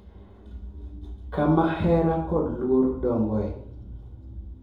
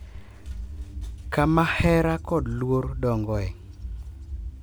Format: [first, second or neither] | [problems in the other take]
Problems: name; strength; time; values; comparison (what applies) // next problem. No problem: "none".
second | room echo; dies away in 2.6 s